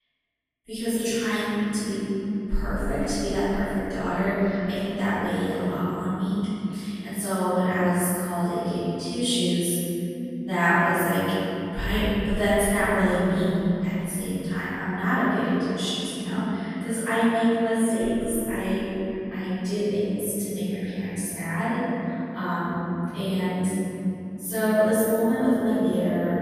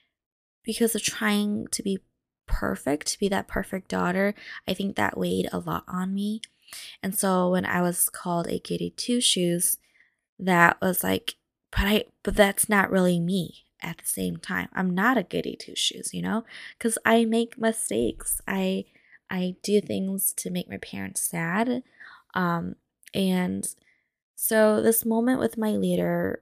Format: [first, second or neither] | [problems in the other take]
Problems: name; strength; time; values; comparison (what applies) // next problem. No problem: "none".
second | off-mic speech; far // room echo; strong; dies away in 3 s